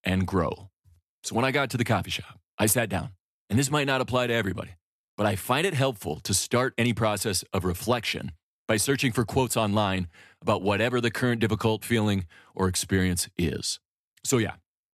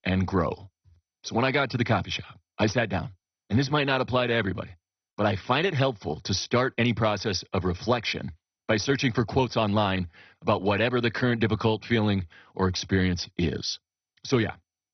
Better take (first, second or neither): first